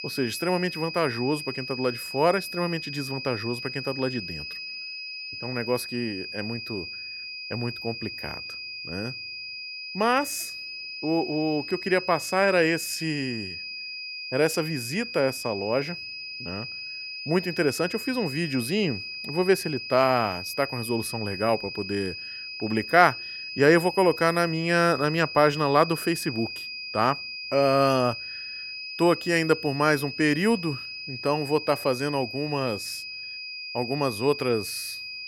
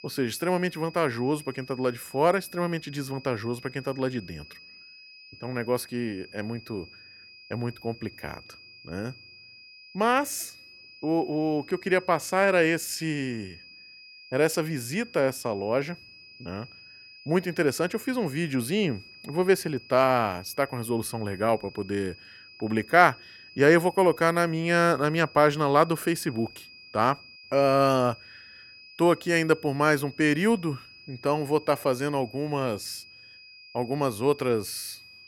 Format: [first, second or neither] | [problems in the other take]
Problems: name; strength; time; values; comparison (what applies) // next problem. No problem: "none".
second | high-pitched whine; loud; throughout; 2.5 kHz, 8 dB below the speech; faint in the second